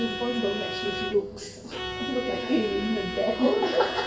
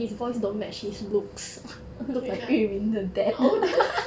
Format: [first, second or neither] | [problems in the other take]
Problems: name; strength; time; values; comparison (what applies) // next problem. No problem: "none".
second | background sound (Bowed string instrument); 7 dB below the speech // room echo; dies away in 2.1 s